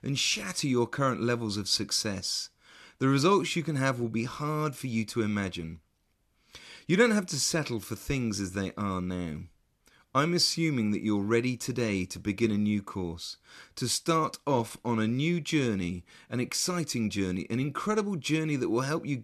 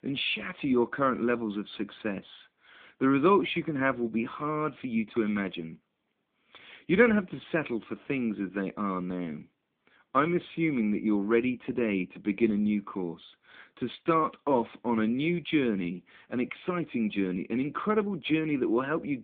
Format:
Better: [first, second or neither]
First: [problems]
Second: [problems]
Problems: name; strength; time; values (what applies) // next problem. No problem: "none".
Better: first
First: none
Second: phone-call audio; nothing above 3.5 kHz